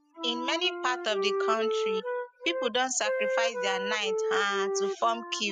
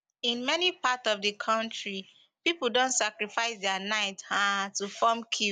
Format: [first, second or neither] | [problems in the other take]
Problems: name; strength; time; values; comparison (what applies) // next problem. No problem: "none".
second | noise reduction (classical method spectral subtraction)